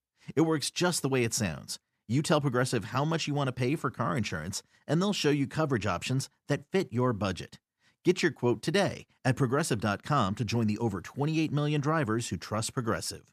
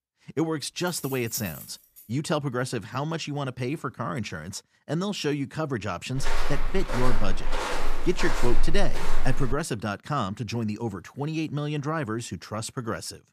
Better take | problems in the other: first | jangling keys; noticeable; from 1 to 2 s; peak 6 dB below the speech // footsteps; loud; from 6 to 9.5 s; peak level with the speech

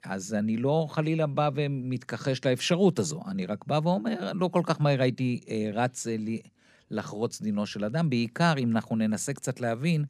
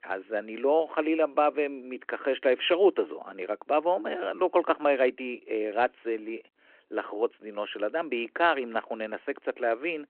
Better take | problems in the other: first | phone-call audio

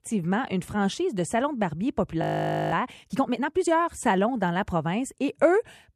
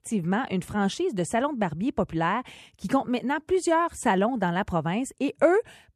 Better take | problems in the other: second | audio freezing; at 2 s for 0.5 s

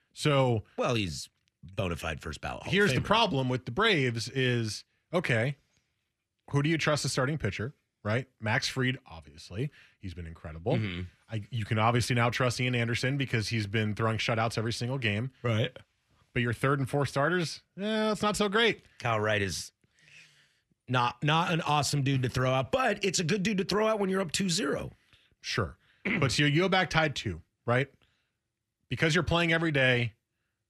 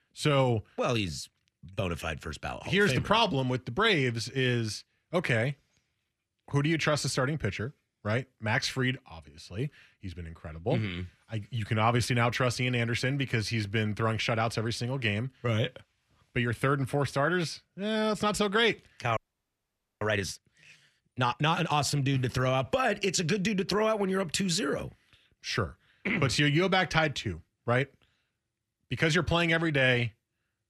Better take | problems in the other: first | audio freezing; at 19 s for 1 s

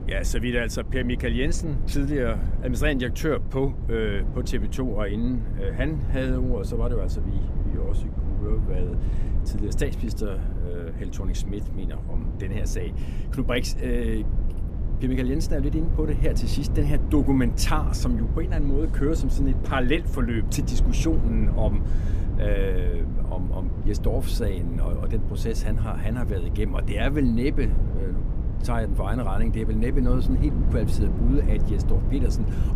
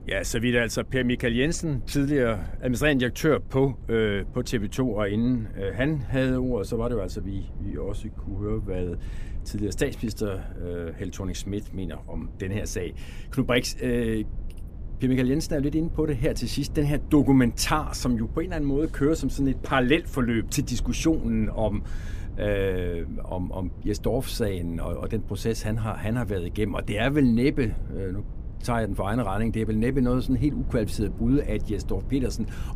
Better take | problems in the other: second | low rumble; loud; throughout; 10 dB below the speech; faint in the second

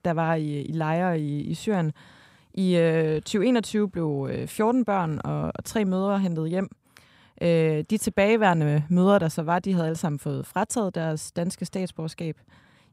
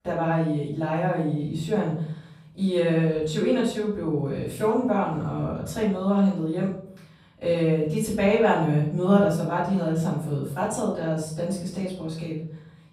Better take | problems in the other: first | room echo; noticeable; dies away in 0.6 s // off-mic speech; far

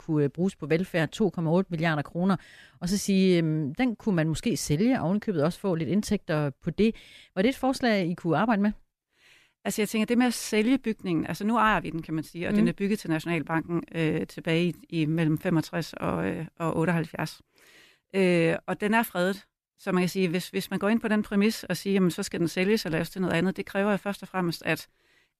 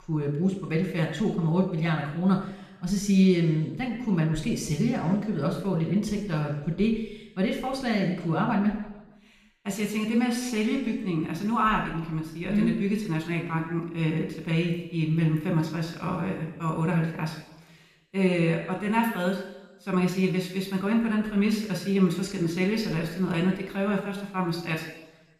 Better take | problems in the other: first | room echo; noticeable; dies away in 1 s // off-mic speech; somewhat distant

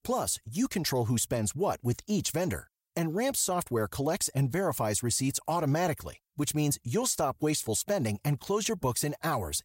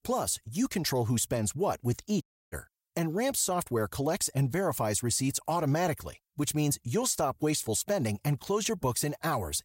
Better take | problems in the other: first | audio cutting out; at 2 s

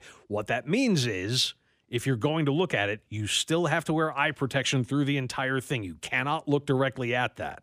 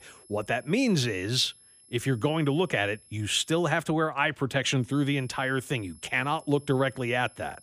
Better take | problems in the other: first | high-pitched whine; faint; until 3.5 s and from 5 s on; 11 kHz, 25 dB below the speech

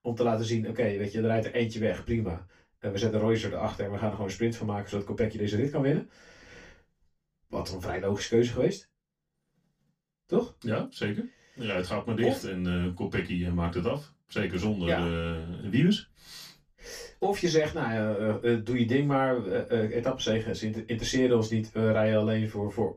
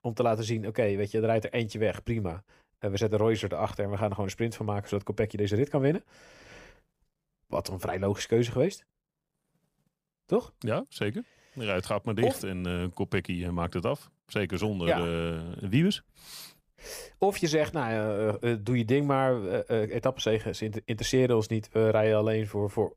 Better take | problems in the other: second | room echo; slight; dies away in 0.2 s // off-mic speech; far

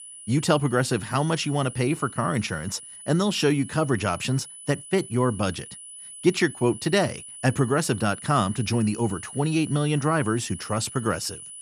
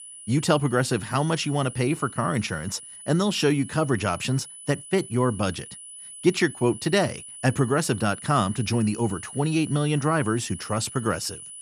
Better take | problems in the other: neither | high-pitched whine; noticeable; throughout; 10 kHz, 15 dB below the speech; the same in both

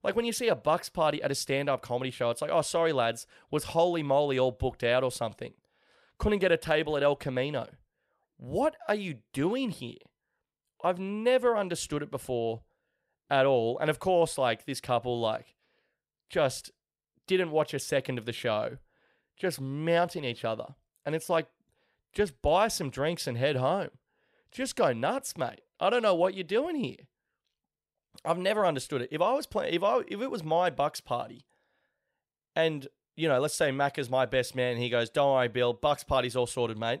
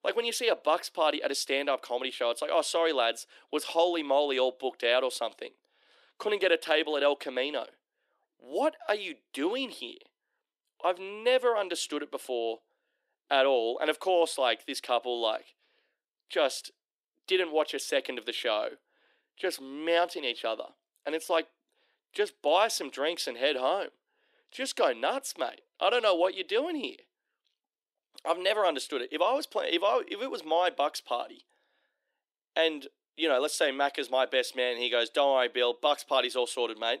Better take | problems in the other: first | thin; somewhat; fading below 300 Hz

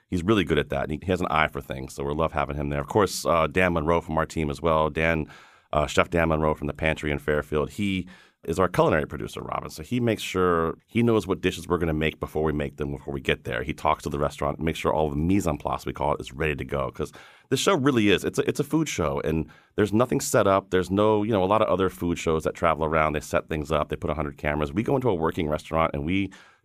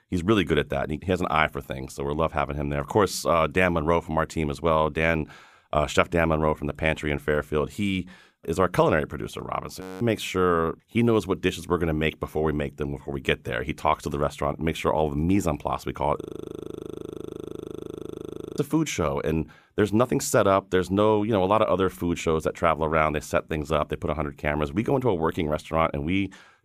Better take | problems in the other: first | audio freezing; at 10 s and at 16 s for 2.5 s

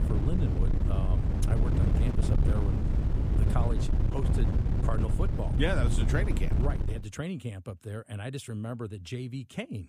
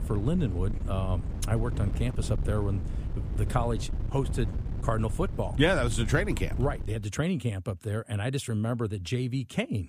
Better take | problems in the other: second | wind noise on the microphone; heavy; until 7 s; 1 dB below the speech; occasional gusts in the second

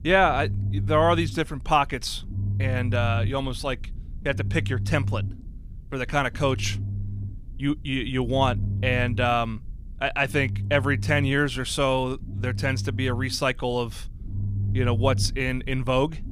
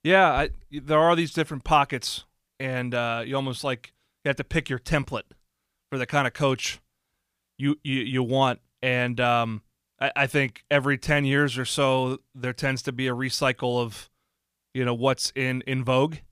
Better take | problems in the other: second | low rumble; noticeable; throughout; 20 dB below the speech

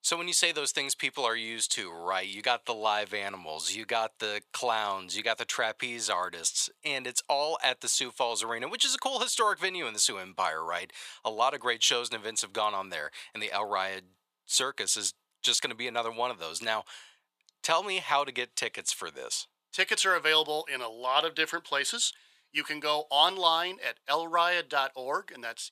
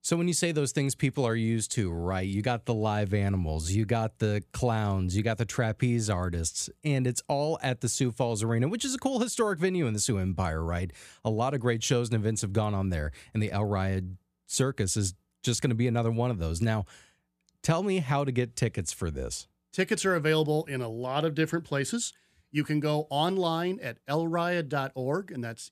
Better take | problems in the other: second | thin; very; fading below 800 Hz

